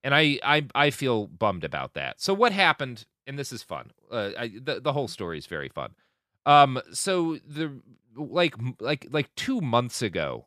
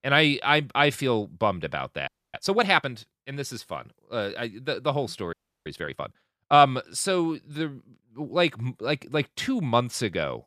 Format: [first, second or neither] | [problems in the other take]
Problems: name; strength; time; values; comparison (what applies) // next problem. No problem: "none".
first | audio freezing; at 2 s and at 5.5 s